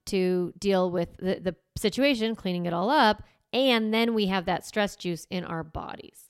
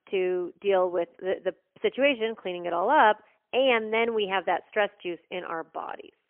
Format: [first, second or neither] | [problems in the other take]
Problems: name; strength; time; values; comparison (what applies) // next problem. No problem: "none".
first | phone-call audio; poor line; nothing above 3 kHz